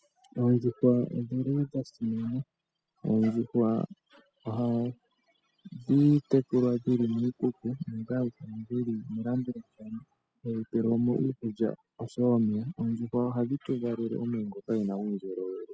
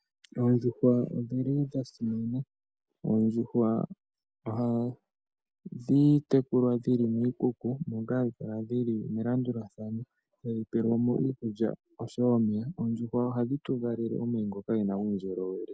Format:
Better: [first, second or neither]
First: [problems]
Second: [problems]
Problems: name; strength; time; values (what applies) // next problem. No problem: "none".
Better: second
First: noise reduction (classical method spectral subtraction)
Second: none